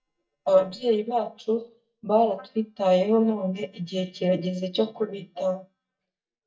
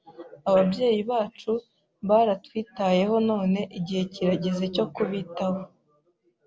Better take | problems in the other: second | noise reduction (neural mask model DeepFilterNet 3)

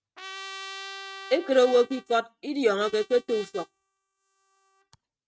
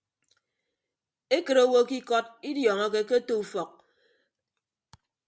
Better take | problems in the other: second | noise reduction (neural mask model RNNoise)

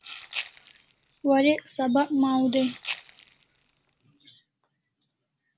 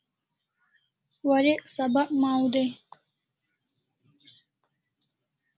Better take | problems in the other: second | background sound (Rattle (instrument)); 15 dB below the speech

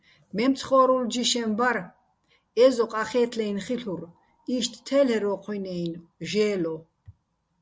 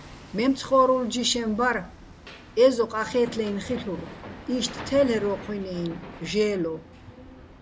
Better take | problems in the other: first | background sound (Hammer); 16 dB below the speech

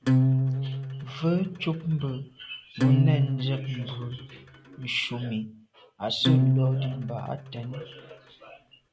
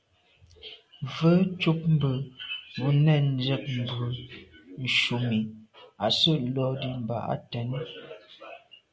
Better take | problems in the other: second | background sound (Acoustic guitar); 4 dB above the speech

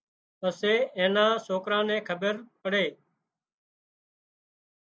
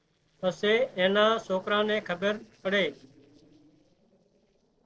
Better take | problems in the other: first | noise reduction (neural separator model SepFormer DNS4)

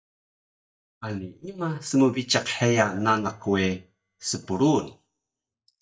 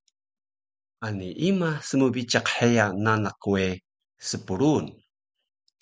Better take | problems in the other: second | noise reduction (neural mask model DeepFilterNet 3)

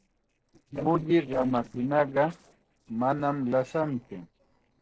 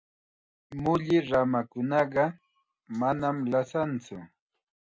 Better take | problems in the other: second | noise reduction (neural separator model SepFormer DNS4)

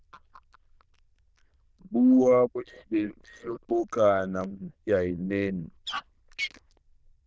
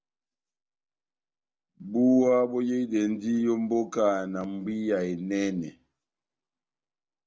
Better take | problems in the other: second | noise reduction (neural diffusion model UNIVERSE++)

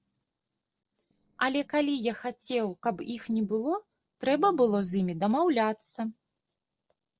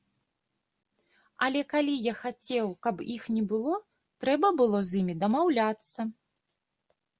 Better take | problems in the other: second | noise reduction (neural separator model SepFormer DNS4)

